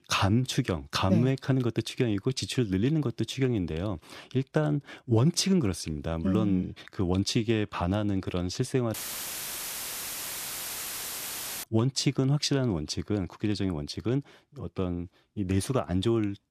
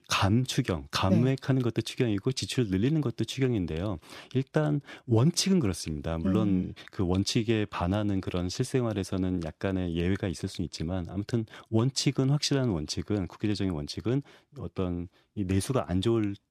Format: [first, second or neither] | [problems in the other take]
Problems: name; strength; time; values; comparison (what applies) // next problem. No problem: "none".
second | audio cutting out; filled with static; at 9 s for 2.5 s